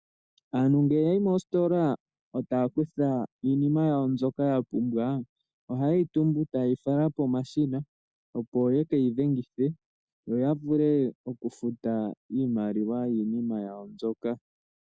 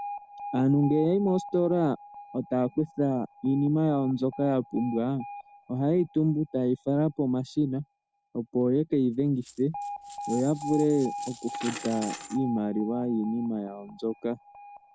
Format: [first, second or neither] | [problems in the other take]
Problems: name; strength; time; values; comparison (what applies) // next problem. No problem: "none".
first | background sound (Alarm + Coin (dropping)); 14 dB below the speech